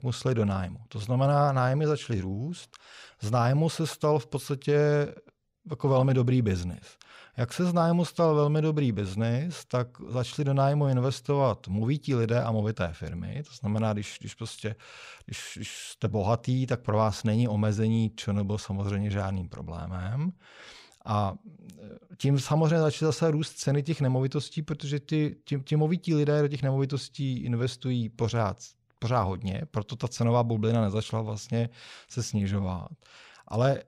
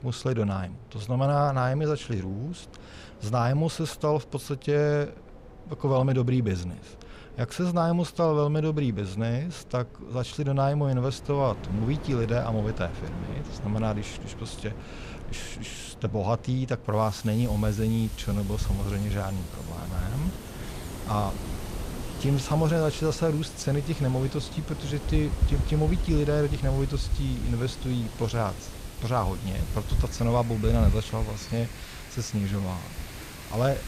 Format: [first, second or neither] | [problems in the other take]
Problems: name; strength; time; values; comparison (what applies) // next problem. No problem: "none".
first | wind in the background; loud; throughout; 8 dB below the speech